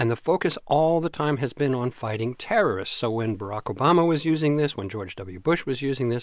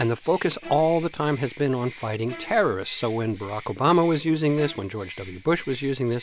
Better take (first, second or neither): first